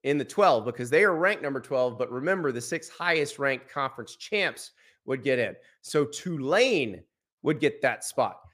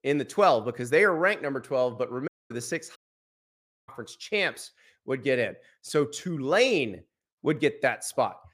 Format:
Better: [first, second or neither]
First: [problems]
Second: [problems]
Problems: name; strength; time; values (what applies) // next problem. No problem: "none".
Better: first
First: none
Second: audio cutting out; at 2.5 s and at 3 s for 1 s